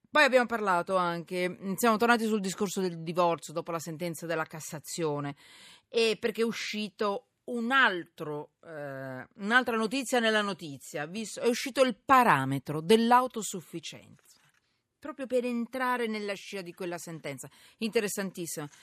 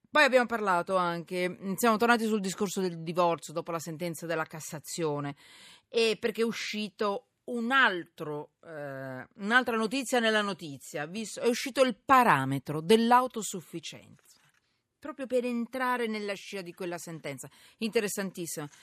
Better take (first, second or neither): neither